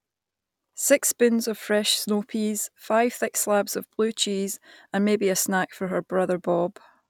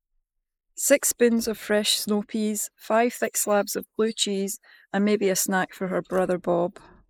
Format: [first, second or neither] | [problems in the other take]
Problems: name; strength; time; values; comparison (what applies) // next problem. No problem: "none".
first | noise reduction (neural mask model Resemble Enhance denoiser)